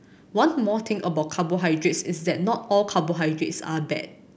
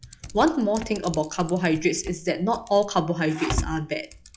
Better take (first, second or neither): first